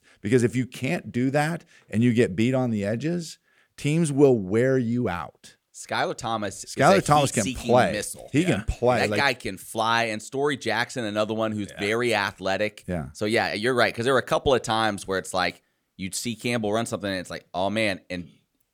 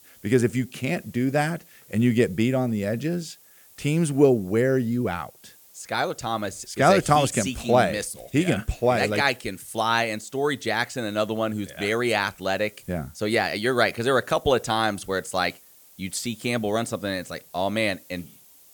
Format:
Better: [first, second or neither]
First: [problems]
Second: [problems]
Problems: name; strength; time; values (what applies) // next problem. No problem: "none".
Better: first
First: none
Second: hiss; faint; throughout; 25 dB below the speech